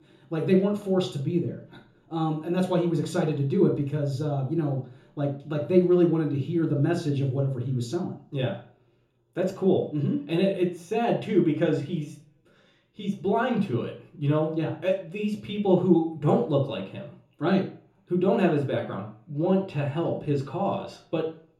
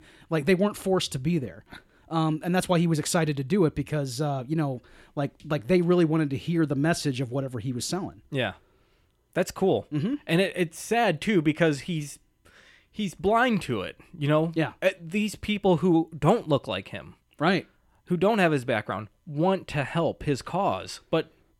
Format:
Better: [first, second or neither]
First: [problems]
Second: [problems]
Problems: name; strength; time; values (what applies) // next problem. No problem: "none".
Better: second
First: room echo; slight; dies away in 0.6 s // off-mic speech; far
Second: none